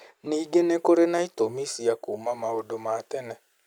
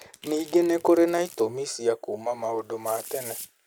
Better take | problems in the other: first | background sound (Domestic sounds, home sounds); 19 dB below the speech

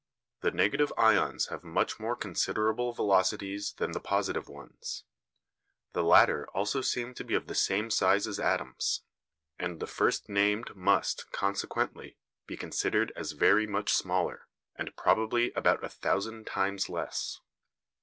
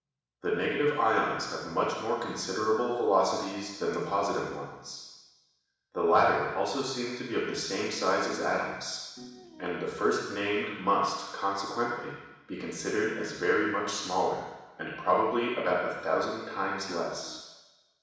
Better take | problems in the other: first | background sound (Piano); 18 dB below the speech // room echo; dies away in 1.1 s

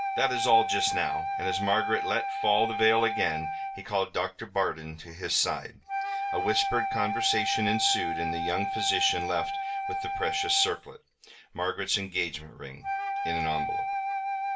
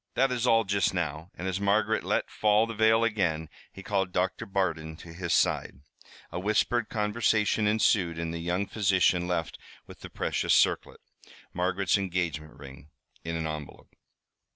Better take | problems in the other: second | background sound (Wind instrument, woodwind instrument); 2 dB below the speech // room echo; dies away in 0.2 s

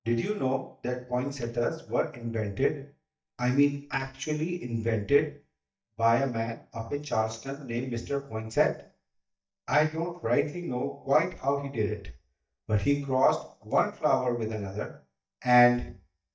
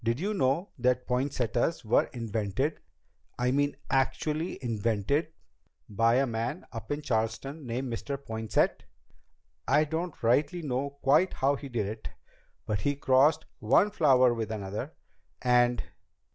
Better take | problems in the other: second | noise reduction (neural mask model DeepFilterNet 3)

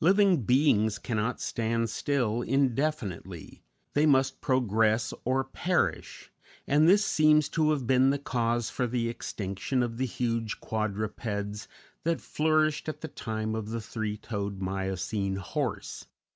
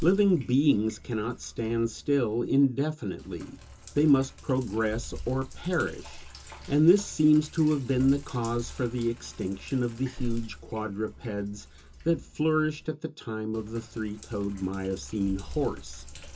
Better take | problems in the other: first | background sound (Sink (filling or washing)); 14 dB below the speech // room echo; dies away in 0.2 s

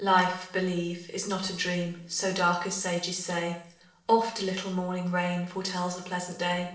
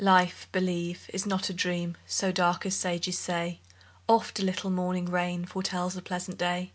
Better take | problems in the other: second | noise reduction (neural separator model SepFormer DNS4)

